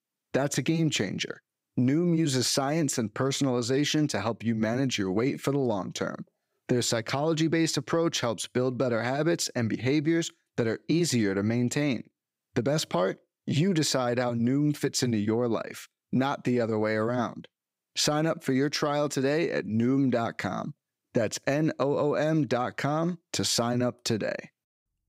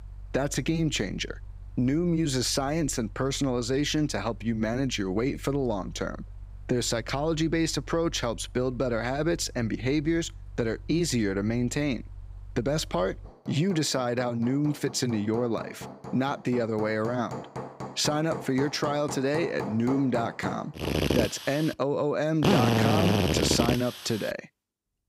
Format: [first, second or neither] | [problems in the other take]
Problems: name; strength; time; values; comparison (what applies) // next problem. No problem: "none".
first | machinery noise; loud; throughout; 4 dB below the speech